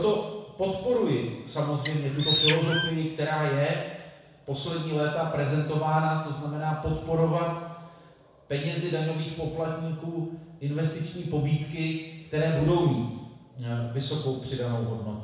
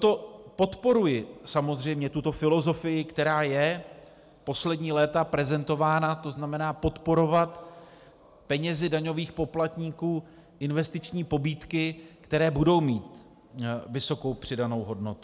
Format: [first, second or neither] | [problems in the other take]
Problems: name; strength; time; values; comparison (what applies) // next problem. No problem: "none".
second | background sound (Bird); 1 dB below the speech // room echo; dies away in 1 s